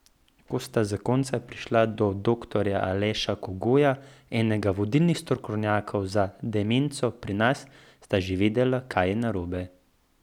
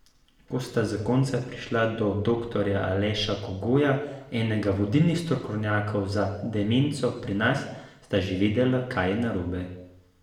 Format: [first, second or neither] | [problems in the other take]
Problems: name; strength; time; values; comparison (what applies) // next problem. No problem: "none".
first | room echo; dies away in 0.8 s